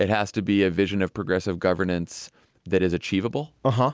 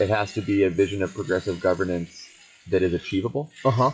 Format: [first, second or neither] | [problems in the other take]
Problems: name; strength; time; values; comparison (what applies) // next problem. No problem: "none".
first | noise reduction (classical method WPE with log-MMSE)